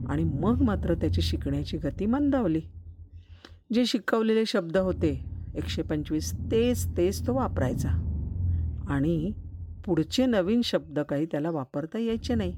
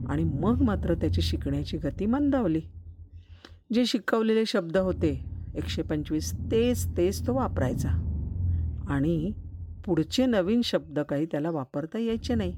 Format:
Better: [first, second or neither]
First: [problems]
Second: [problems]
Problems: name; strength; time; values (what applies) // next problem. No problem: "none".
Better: neither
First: low rumble; noticeable; throughout; 15 dB below the speech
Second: low rumble; noticeable; throughout; 15 dB below the speech